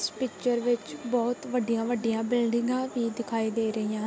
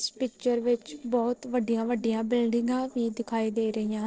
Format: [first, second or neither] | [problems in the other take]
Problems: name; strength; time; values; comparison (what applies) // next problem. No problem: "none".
first | noise reduction (neural separator model SepFormer DNS4)